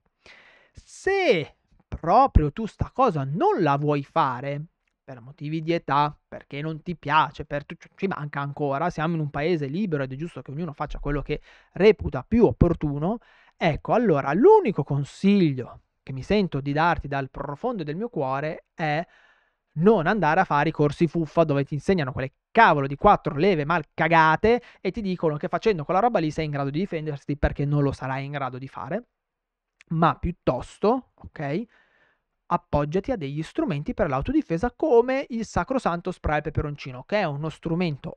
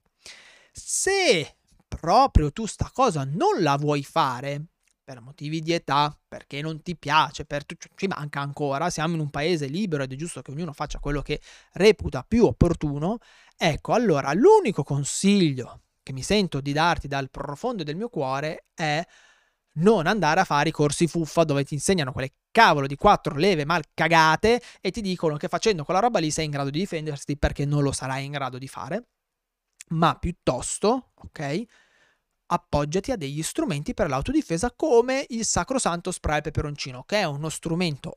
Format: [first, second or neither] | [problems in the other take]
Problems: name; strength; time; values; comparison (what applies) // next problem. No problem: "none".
second | muffled; slightly; fading above 2.5 kHz